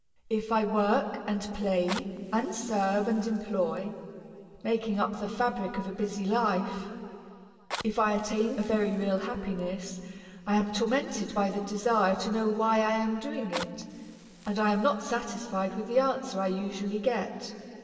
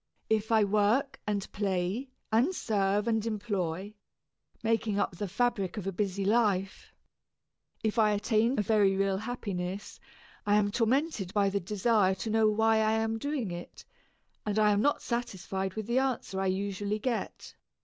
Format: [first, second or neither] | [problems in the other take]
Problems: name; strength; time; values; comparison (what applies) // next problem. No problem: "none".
second | background sound (Fire); 20 dB below the speech // room echo; dies away in 2.7 s